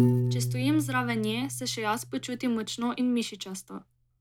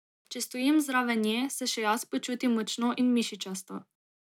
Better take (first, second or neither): second